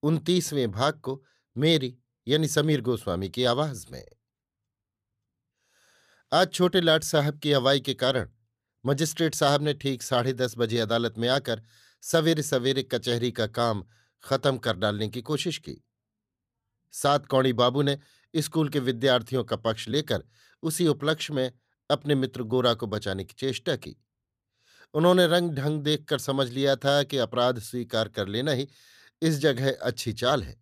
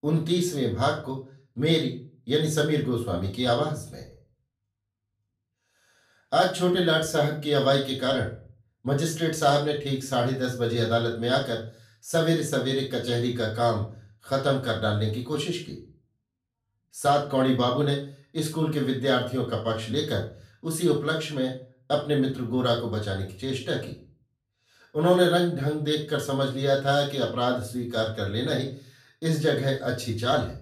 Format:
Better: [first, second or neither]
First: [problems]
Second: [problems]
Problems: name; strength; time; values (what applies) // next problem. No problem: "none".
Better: first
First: none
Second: off-mic speech; far // room echo; slight; dies away in 0.3 s